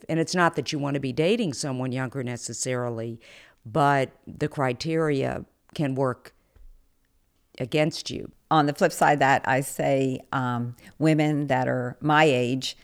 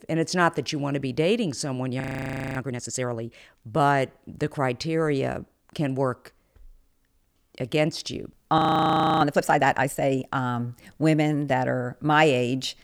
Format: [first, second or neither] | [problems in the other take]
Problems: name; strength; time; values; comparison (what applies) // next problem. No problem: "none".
first | audio freezing; at 2 s for 0.5 s and at 8.5 s for 0.5 s